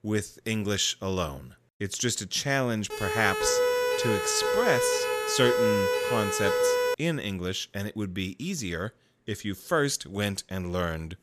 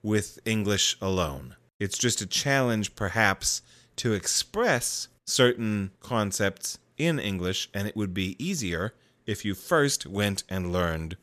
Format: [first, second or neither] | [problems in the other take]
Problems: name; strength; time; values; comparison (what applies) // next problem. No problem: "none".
second | siren; loud; from 3 to 7 s; peak 5 dB above the speech